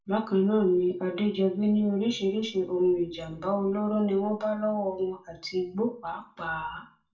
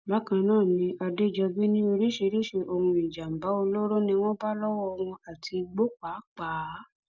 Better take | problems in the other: second | room echo; dies away in 0.3 s

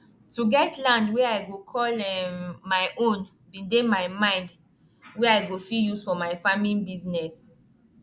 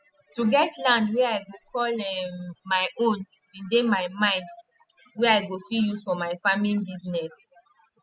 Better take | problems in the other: first | noise reduction (classical method spectral subtraction)

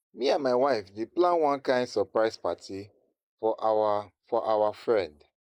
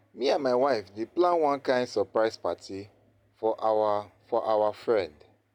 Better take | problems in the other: second | noise reduction (neural mask model Resemble Enhance denoiser)

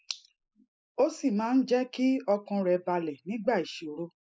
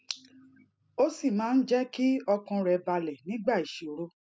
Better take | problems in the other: second | noise reduction (neural mask model Resemble Enhance denoiser)

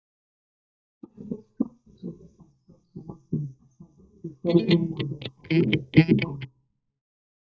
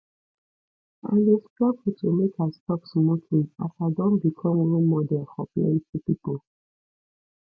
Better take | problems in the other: second | noise reduction (neural mask model DeepFilterNet 3)

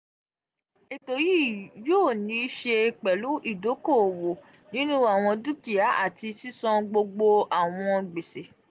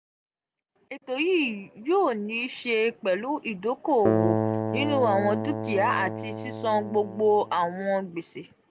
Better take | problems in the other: first | background sound (Keyboard (musical)); 2 dB below the speech

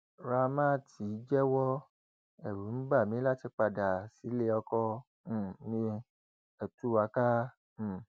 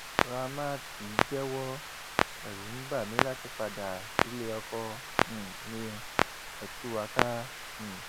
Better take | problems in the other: first | background sound (Clock); 4 dB above the speech

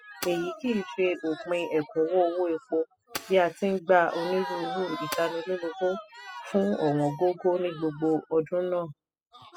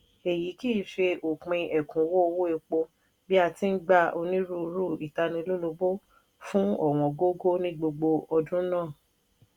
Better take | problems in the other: second | noise reduction (classical method spectral subtraction)

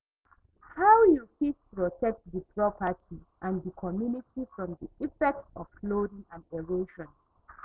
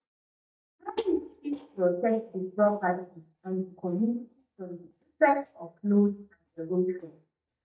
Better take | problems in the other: first | noise reduction (neural mask model DeepFilterNet 3)

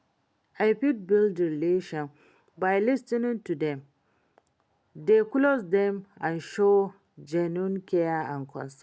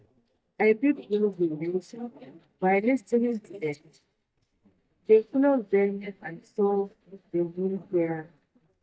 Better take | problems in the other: first | noise reduction (neural mask model DeepFilterNet 3)

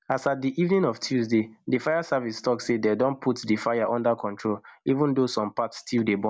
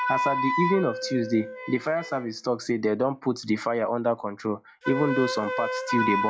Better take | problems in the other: first | noise reduction (classical method log-MMSE)

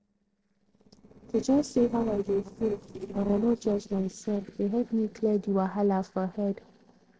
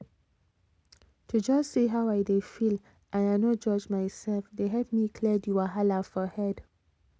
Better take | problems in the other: second | noise reduction (neural separator model SepFormer DNS4)

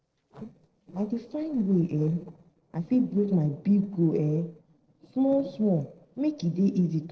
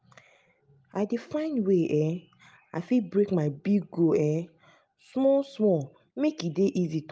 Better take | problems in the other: second | noise reduction (neural separator model SepFormer DNS4)

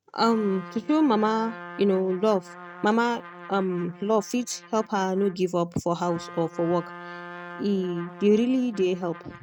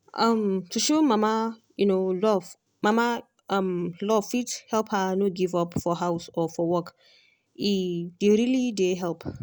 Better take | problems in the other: second | noise reduction (neural mask model RNNoise)

